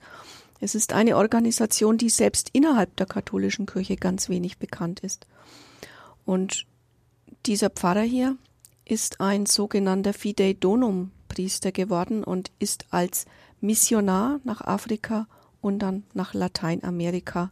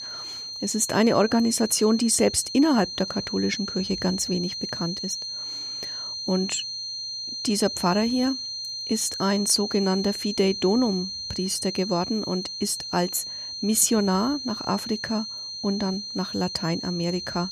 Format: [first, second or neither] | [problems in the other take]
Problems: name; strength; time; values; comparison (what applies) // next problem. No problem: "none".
first | high-pitched whine; loud; throughout; 4 kHz, 6 dB below the speech